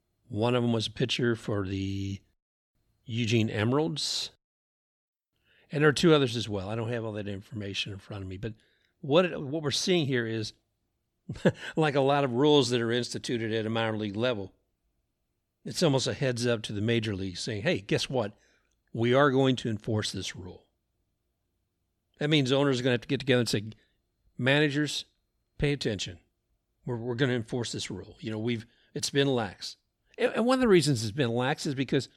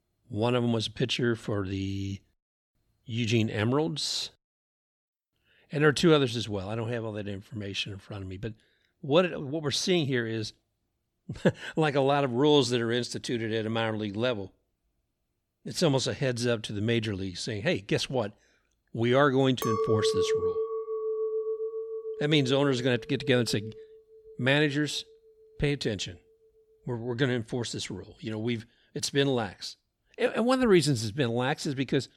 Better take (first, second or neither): first